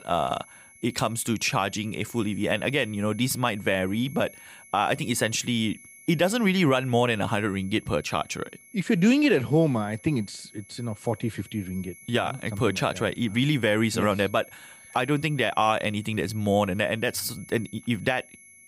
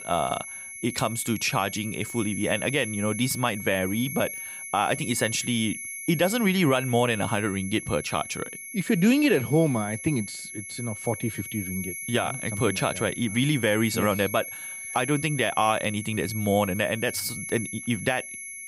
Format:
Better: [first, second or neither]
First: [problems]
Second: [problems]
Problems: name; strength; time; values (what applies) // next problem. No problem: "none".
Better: first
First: high-pitched whine; faint; throughout; 2 kHz, 20 dB below the speech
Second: high-pitched whine; loud; throughout; 2 kHz, 9 dB below the speech